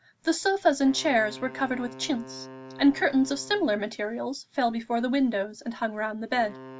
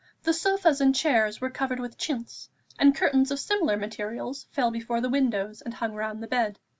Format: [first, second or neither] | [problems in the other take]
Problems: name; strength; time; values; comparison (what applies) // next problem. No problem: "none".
second | background sound (Wind instrument, woodwind instrument); 19 dB below the speech